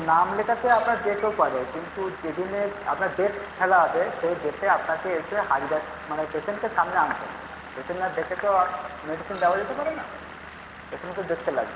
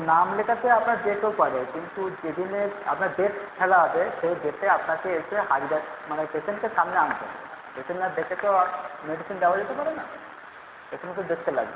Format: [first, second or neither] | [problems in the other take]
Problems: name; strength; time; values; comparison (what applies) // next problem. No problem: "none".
second | background sound (Screech + Engine / Vehicle); 17 dB below the speech